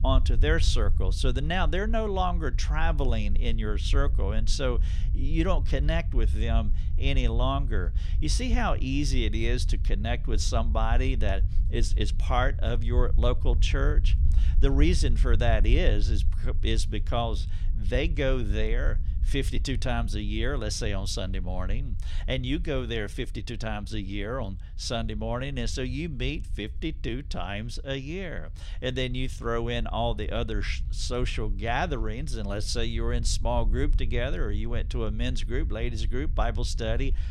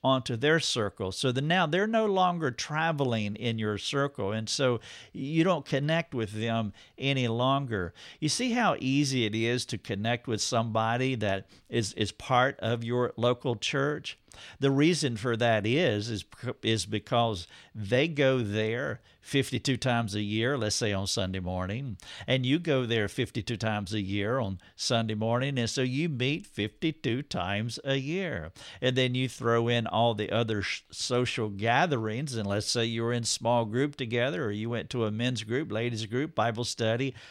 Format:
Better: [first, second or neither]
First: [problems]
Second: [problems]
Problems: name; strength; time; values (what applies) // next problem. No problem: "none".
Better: second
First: low rumble; noticeable; throughout; 20 dB below the speech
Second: none